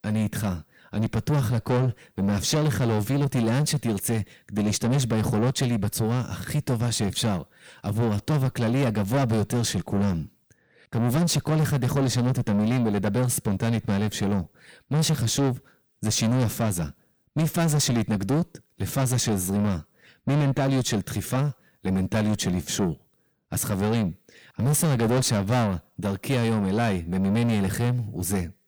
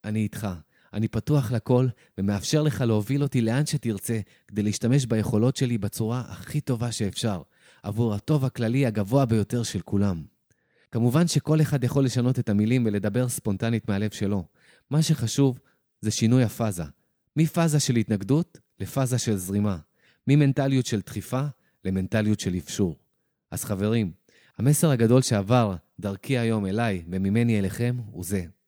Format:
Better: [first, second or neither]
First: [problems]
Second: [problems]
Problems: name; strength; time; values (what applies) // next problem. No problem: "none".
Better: second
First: distortion; heavy; 7 dB below the speech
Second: none